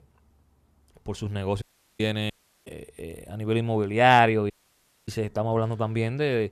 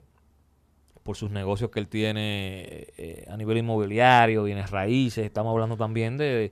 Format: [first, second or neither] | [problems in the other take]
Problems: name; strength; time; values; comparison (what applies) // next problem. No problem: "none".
second | audio cutting out; at 1.5 s, at 2.5 s and at 4.5 s for 0.5 s